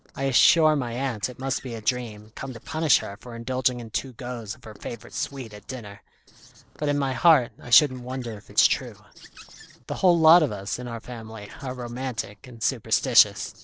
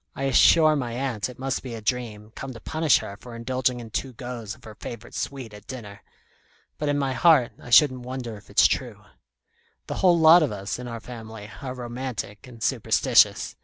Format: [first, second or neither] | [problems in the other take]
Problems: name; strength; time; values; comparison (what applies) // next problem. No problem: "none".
second | noise reduction (neural separator model SepFormer DNS4)